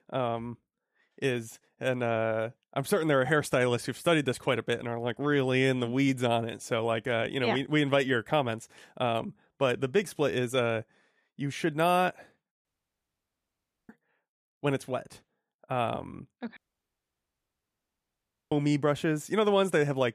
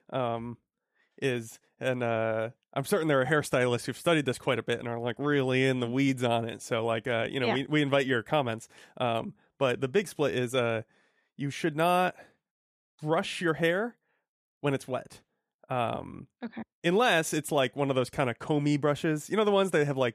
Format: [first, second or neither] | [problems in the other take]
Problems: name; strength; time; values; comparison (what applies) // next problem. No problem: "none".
second | audio cutting out; at 13 s for 1 s and at 17 s for 2 s